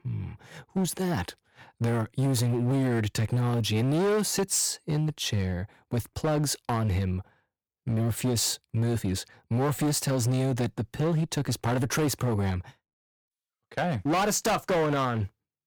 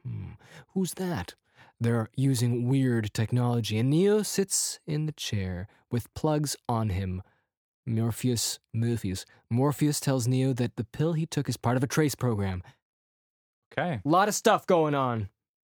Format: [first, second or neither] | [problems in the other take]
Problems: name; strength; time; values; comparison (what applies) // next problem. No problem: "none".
second | distortion; heavy; 15% of the sound clipped